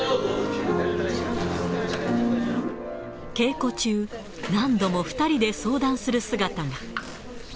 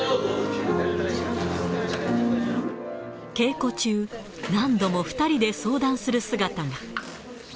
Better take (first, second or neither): second